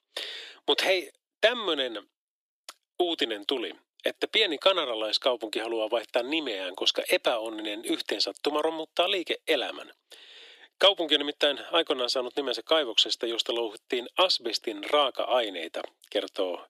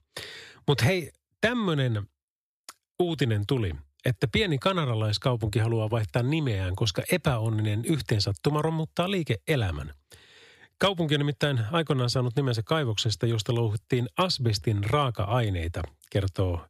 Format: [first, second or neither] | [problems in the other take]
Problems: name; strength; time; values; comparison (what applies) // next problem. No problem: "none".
second | thin; very; fading below 300 Hz